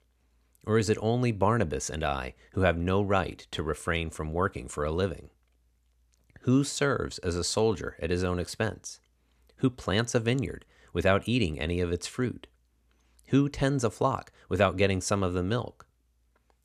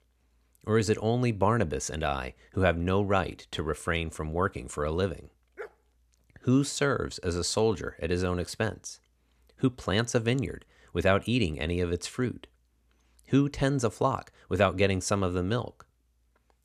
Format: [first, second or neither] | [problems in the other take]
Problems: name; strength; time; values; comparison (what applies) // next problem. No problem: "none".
first | dog barking; faint; at 5.5 s; peak 15 dB below the speech